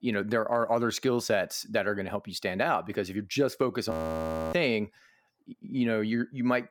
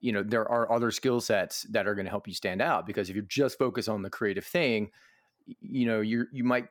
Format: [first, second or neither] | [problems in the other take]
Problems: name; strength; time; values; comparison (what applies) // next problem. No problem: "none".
second | audio freezing; at 4 s for 0.5 s